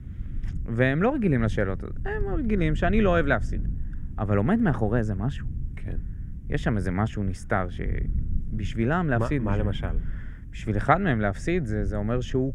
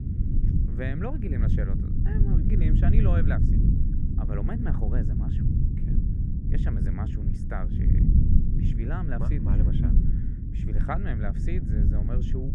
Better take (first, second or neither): first